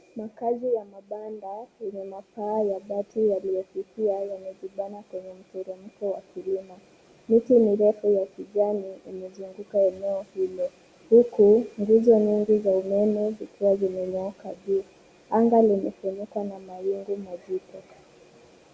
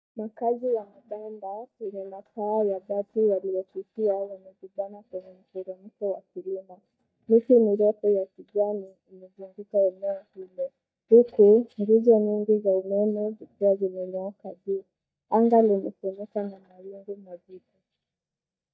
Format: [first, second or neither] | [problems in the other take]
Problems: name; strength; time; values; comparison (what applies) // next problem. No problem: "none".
first | noise reduction (neural mask model DeepFilterNet 3)